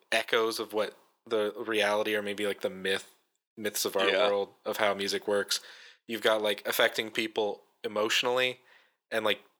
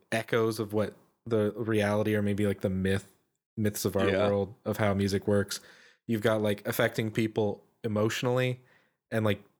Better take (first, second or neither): second